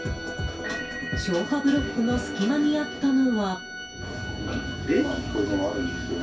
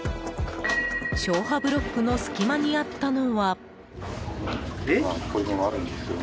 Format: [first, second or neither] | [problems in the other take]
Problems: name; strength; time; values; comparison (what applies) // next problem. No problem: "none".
second | background sound (Organ); 12 dB below the speech // room echo; dies away in 0.2 s